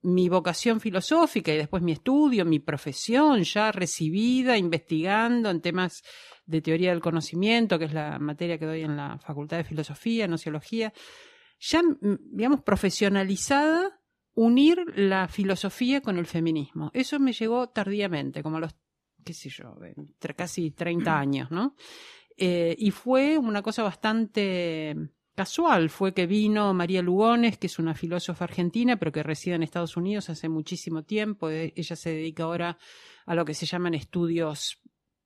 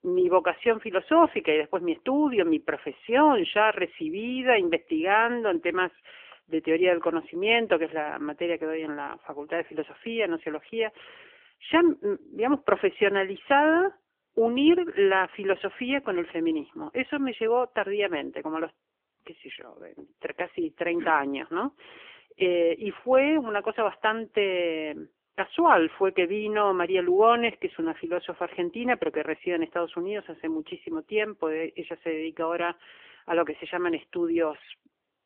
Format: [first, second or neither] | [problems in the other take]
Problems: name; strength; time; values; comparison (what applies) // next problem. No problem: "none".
first | phone-call audio; nothing above 3 kHz